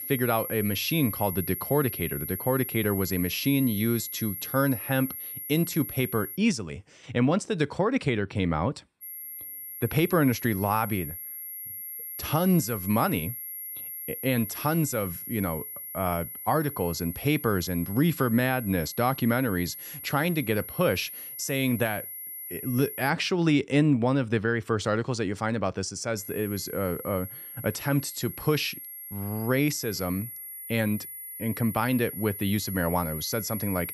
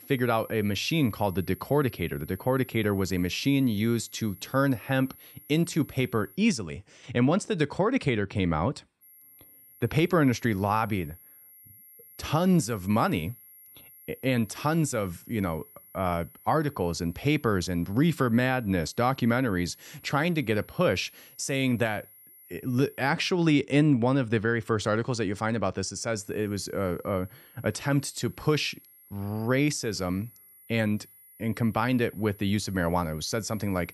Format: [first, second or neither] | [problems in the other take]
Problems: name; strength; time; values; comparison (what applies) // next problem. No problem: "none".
second | high-pitched whine; loud; until 6.5 s, from 9 to 23 s and from 26 s on; 11.5 kHz, 8 dB below the speech; faint in the second